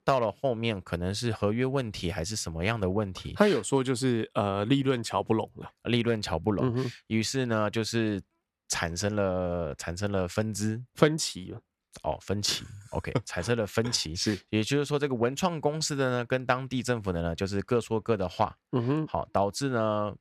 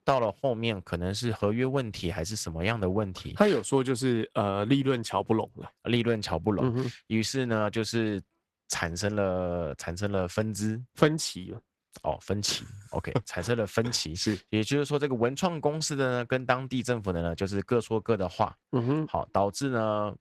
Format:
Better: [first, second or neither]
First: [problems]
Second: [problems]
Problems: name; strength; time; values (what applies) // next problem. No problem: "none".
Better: first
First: none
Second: garbled, watery; slightly; nothing above 14 kHz